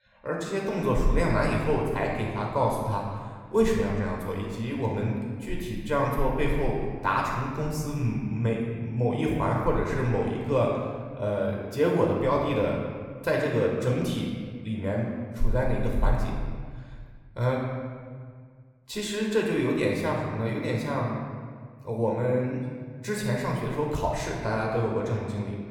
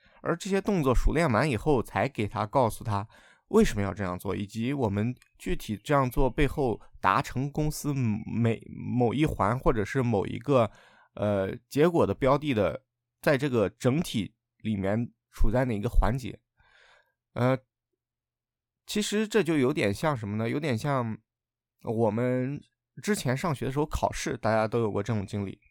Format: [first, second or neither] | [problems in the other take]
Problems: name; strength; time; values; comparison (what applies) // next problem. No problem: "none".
second | off-mic speech; somewhat distant // room echo; noticeable; dies away in 1.5 s